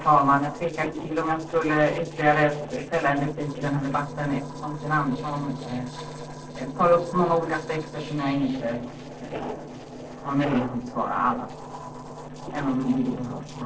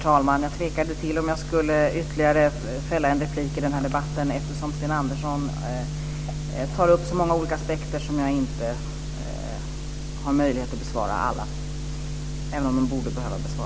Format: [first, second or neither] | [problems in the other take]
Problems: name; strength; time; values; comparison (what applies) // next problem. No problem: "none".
second | noise reduction (neural separator model SepFormer DNS4)